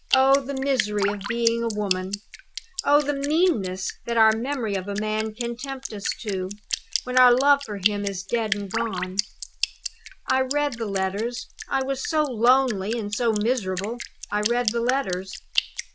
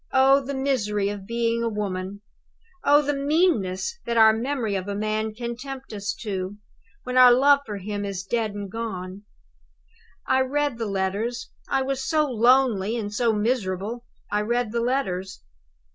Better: second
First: background sound (Drip); 9 dB below the speech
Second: none

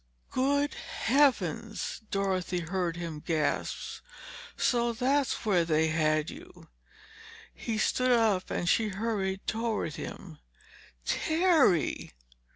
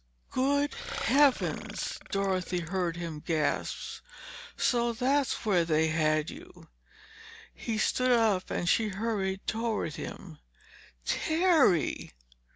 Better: first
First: none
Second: background sound (Burping, eructation); 14 dB below the speech

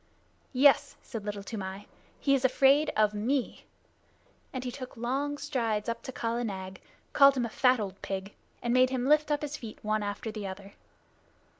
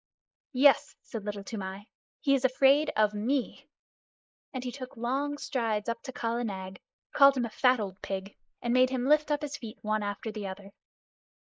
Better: first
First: none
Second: noise reduction (neural mask model Resemble Enhance denoiser)

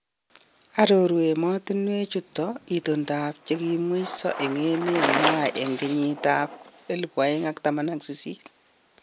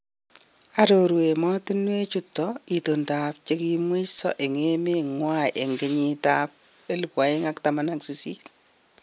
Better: second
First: background sound (Bicycle); 9 dB below the speech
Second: none

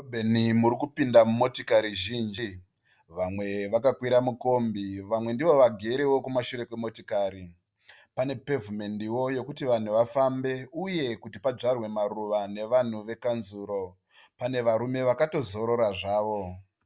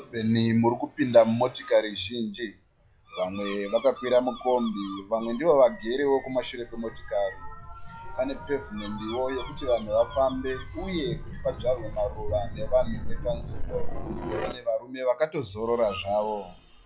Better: first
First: none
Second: noise reduction (classical method log-MMSE)

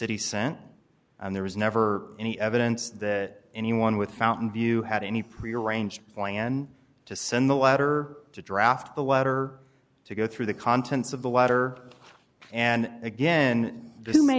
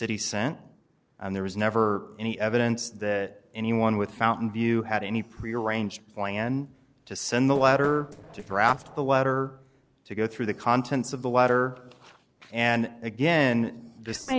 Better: first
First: none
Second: noise reduction (neural separator model SepFormer DNS4)

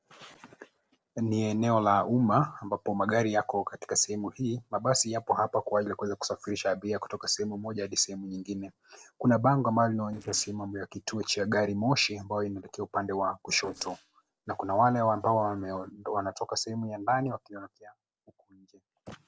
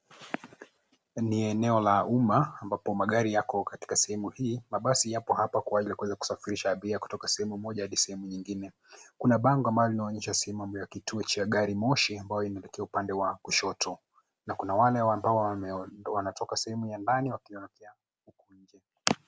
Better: second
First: noise reduction (neural separator model SepFormer DNS4)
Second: none

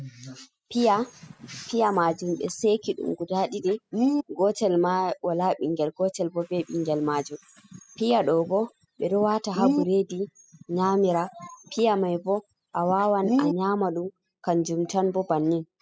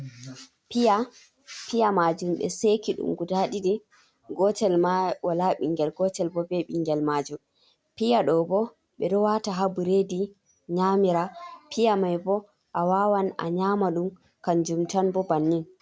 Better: second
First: noise reduction (classical method spectral subtraction)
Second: none

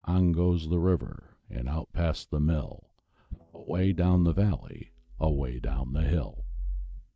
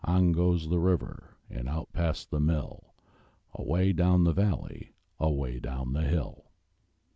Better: second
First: noise reduction (neural mask model DeepFilterNet 3)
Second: none

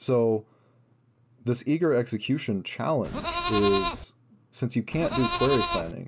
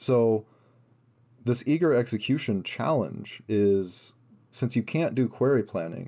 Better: second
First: background sound (Livestock, farm animals, working animals); 2 dB below the speech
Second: none

